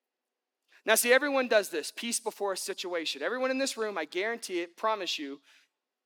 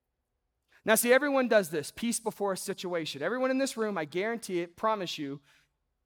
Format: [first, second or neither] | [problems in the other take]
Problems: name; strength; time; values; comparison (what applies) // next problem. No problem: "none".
second | thin; very slightly; fading below 250 Hz